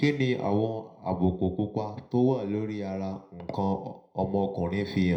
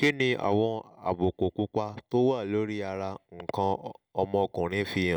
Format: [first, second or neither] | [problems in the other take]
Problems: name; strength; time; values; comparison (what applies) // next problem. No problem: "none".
second | room echo; dies away in 0.5 s